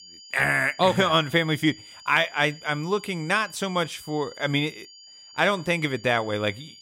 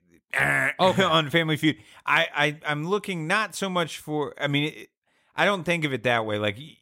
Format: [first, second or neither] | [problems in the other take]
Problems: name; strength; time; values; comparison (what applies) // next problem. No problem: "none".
second | high-pitched whine; faint; throughout; 5 kHz, 20 dB below the speech